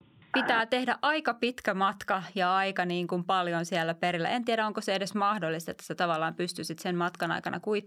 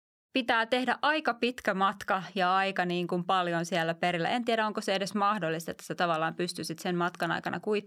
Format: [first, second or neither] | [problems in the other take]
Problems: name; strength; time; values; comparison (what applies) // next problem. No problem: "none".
second | phone ringing; noticeable; at 0.5 s; peak 3 dB below the speech